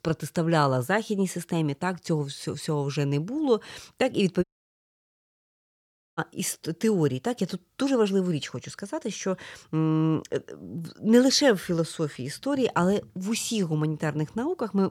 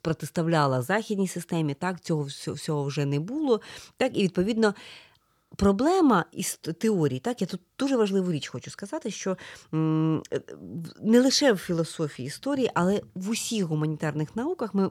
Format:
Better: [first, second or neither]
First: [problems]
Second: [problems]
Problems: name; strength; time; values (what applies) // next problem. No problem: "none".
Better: second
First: audio cutting out; at 4.5 s for 1.5 s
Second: none